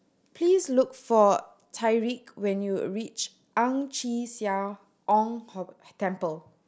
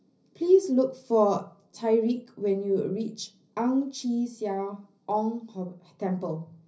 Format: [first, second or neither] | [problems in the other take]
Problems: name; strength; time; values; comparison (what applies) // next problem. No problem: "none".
first | room echo; dies away in 0.5 s